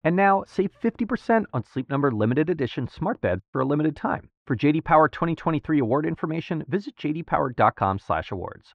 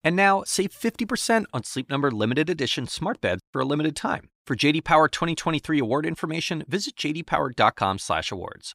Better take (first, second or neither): second